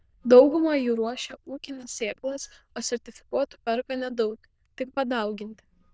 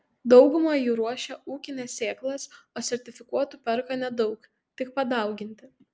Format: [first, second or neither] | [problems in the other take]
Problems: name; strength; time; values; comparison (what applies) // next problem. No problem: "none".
second | noise reduction (neural diffusion model UNIVERSE++)